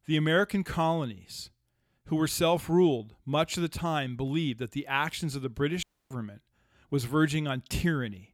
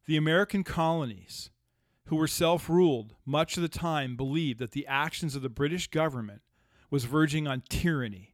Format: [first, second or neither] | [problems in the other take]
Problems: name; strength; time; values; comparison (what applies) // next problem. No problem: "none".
second | audio cutting out; at 6 s